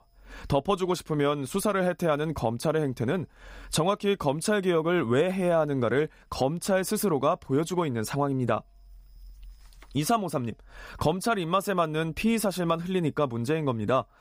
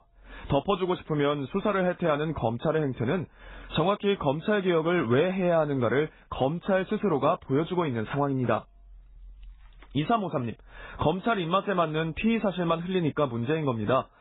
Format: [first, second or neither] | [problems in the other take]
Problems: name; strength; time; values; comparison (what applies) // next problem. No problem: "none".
first | garbled, watery; badly; nothing above 4 kHz